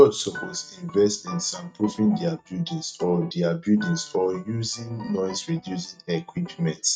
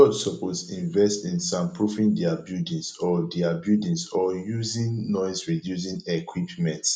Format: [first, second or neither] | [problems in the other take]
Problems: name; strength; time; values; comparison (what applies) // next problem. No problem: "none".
second | noise reduction (neural mask model RNNoise)